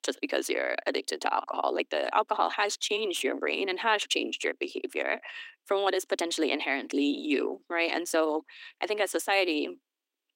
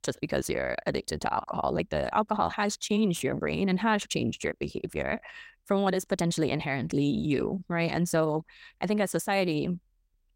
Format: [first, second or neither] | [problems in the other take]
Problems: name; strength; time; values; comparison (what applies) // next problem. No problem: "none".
second | thin; somewhat; fading below 250 Hz